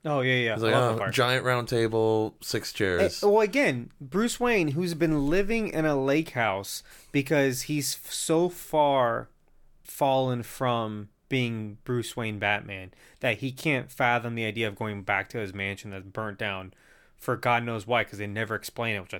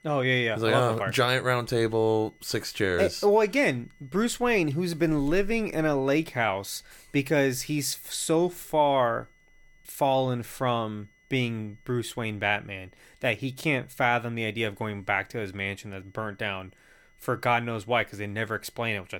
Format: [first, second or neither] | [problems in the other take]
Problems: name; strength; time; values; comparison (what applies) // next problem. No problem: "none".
first | high-pitched whine; faint; throughout; 2 kHz, 35 dB below the speech